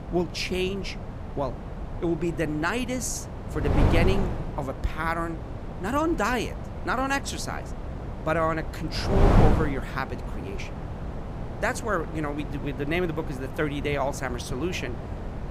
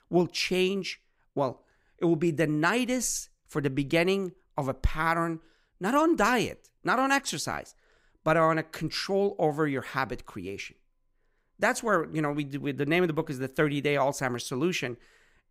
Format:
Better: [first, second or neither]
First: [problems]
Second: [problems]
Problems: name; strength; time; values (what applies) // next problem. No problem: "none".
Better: second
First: wind noise on the microphone; heavy; 7 dB below the speech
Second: none